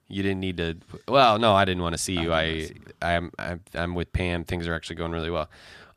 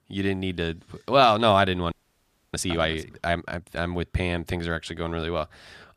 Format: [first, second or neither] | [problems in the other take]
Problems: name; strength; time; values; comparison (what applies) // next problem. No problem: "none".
first | audio freezing; at 2 s for 0.5 s